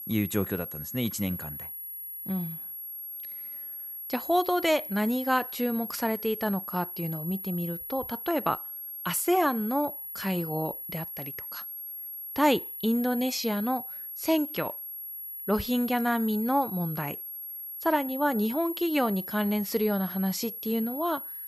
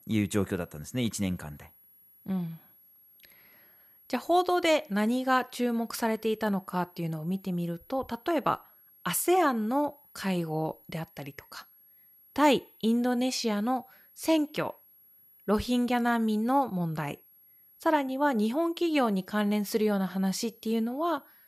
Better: second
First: high-pitched whine; loud; throughout; 11.5 kHz, 7 dB below the speech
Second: high-pitched whine; faint; throughout; 11.5 kHz, 25 dB below the speech

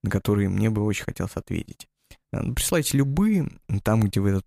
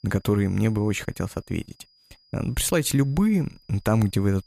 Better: first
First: none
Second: high-pitched whine; faint; throughout; 5 kHz, 35 dB below the speech

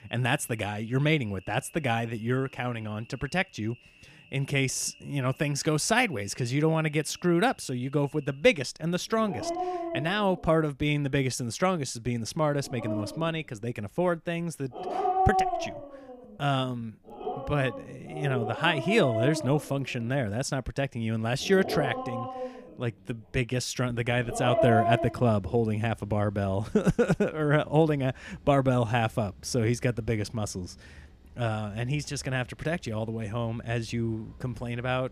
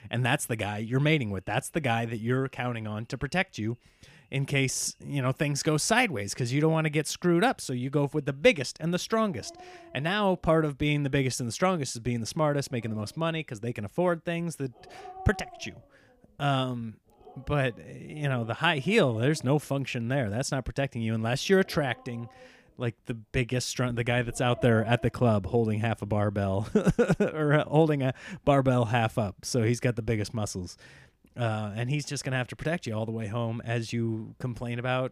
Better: second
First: animal sounds; loud; throughout; 4 dB below the speech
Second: animal sounds; faint; throughout; 20 dB below the speech

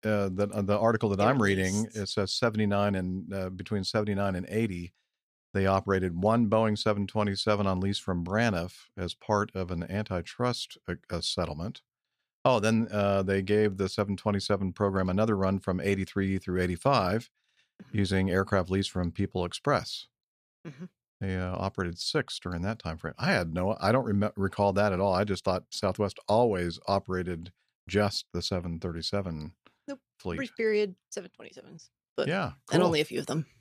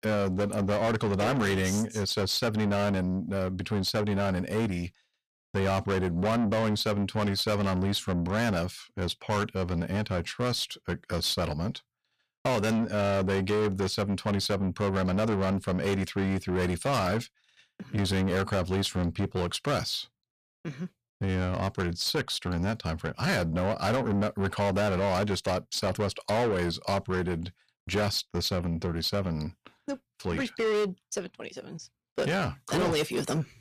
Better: first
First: none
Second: distortion; heavy; 7 dB below the speech

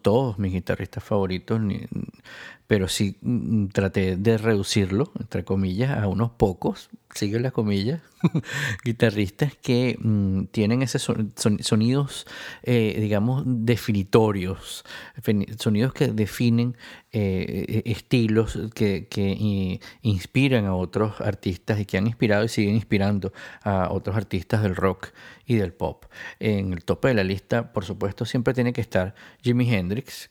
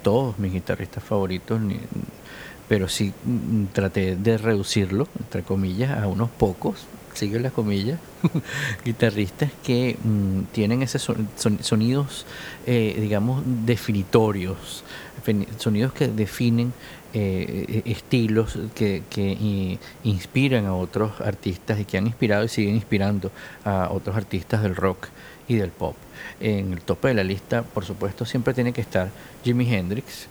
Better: first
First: none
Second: hiss; faint; throughout; 20 dB below the speech

